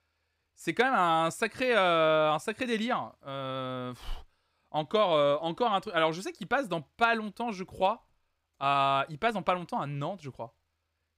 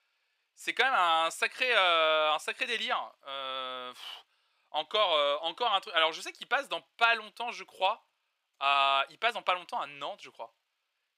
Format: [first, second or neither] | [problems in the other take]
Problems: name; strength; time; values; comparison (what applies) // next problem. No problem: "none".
first | thin; very; fading below 650 Hz